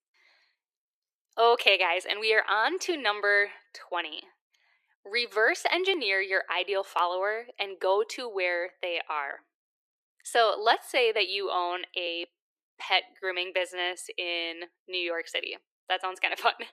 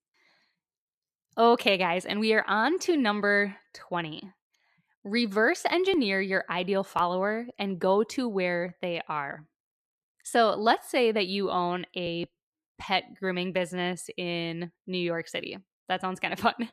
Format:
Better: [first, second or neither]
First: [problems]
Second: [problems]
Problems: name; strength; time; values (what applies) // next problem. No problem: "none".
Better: second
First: thin; very; fading below 350 Hz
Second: none